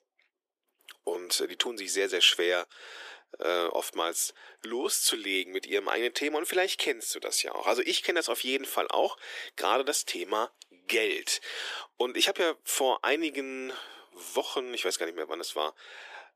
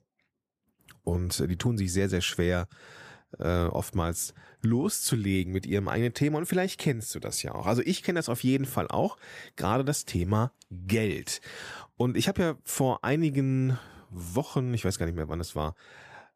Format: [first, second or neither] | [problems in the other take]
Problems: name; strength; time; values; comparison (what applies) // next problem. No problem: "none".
second | thin; very; fading below 350 Hz